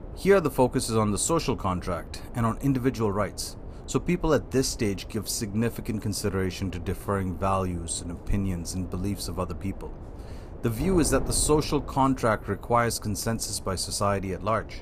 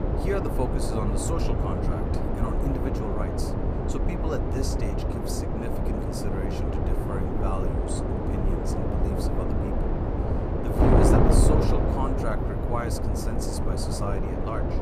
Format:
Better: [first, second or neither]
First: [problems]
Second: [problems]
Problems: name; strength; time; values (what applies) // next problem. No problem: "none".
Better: first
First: wind noise on the microphone; occasional gusts; 20 dB below the speech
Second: wind noise on the microphone; heavy; 4 dB above the speech